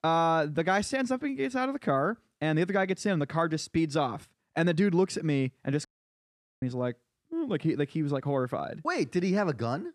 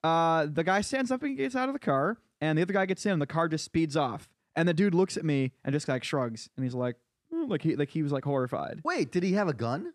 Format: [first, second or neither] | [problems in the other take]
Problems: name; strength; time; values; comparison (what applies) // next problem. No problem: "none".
second | audio cutting out; at 6 s for 1 s